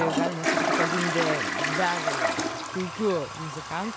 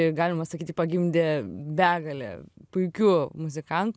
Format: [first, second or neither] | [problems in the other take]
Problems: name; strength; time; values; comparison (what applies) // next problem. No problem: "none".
second | background sound (Toilet flush); 3 dB above the speech